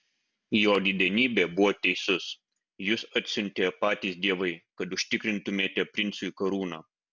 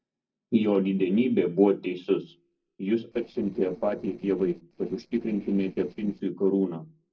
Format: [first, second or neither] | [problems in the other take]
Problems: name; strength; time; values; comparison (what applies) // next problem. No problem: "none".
first | noise reduction (neural separator model SepFormer DNS4)